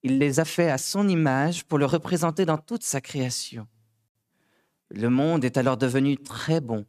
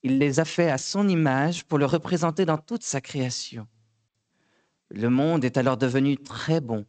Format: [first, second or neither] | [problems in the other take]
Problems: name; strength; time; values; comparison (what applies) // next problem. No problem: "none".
first | garbled, watery; slightly; nothing above 8 kHz